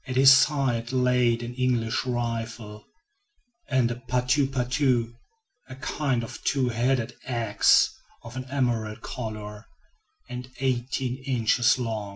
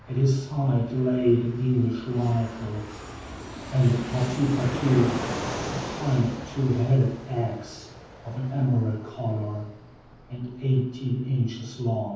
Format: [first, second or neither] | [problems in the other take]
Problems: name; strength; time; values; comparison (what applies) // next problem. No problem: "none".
first | background sound (Fixed-wing aircraft, airplane); 12 dB below the speech // room echo; dies away in 0.9 s